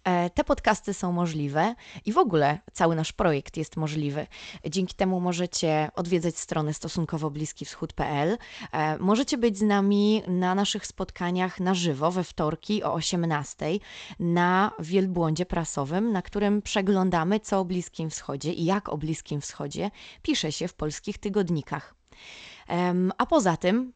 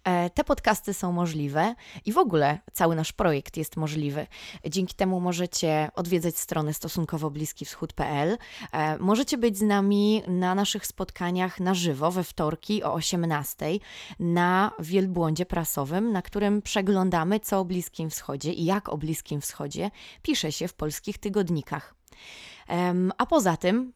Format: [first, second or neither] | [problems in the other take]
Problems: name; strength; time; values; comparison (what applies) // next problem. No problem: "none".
second | garbled, watery; slightly; nothing above 8 kHz